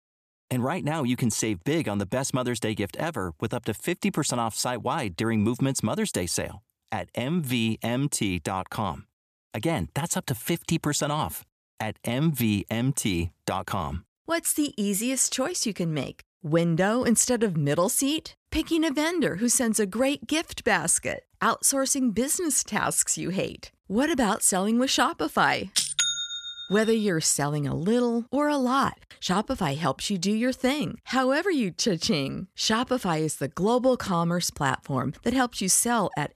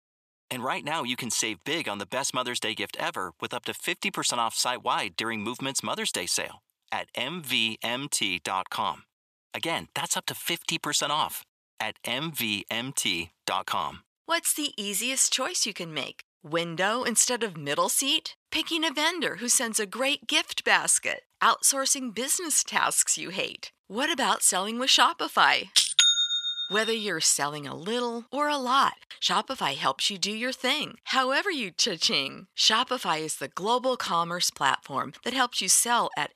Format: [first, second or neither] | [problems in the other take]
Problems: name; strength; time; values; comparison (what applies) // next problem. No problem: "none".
first | thin; somewhat; fading below 650 Hz